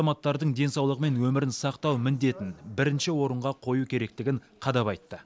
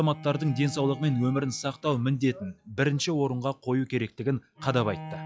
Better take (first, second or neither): first